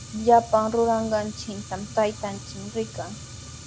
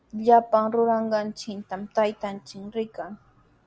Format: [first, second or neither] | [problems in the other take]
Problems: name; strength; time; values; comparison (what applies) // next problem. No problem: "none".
second | background sound (Fire); 14 dB below the speech